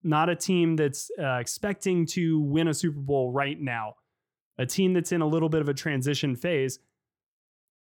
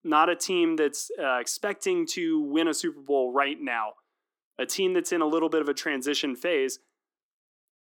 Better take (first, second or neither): first